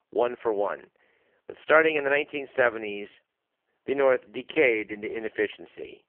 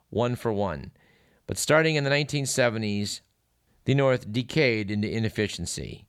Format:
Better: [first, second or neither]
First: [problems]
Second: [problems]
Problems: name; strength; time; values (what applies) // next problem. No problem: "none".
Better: second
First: phone-call audio; poor line; nothing above 3 kHz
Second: none